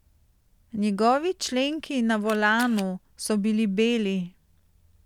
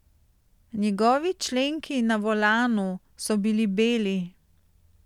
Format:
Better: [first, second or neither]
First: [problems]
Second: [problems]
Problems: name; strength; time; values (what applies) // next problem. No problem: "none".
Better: second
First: background sound (Camera); 18 dB below the speech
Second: none